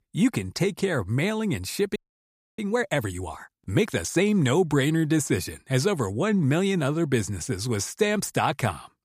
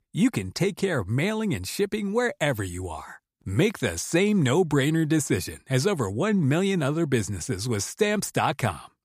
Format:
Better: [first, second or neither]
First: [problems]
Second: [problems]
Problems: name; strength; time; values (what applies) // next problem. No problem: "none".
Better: second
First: audio freezing; at 2 s for 0.5 s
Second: none